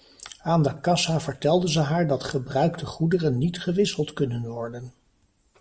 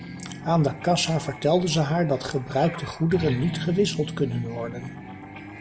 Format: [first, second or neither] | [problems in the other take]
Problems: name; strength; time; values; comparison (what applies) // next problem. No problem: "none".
first | background sound (Guitar); 11 dB below the speech